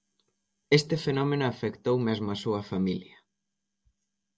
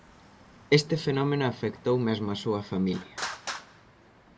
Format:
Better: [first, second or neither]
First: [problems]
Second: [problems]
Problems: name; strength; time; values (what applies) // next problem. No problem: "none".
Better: first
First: none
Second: background sound (Traffic noise, roadway noise); 15 dB below the speech